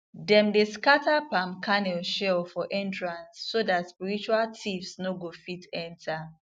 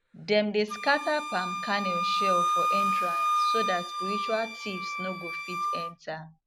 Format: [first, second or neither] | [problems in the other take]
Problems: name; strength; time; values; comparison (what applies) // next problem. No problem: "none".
first | background sound (Wind instrument, woodwind instrument); 1 dB above the speech